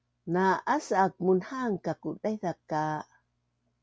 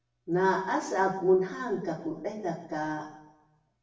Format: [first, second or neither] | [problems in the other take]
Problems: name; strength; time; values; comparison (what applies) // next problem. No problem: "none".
first | room echo; dies away in 0.8 s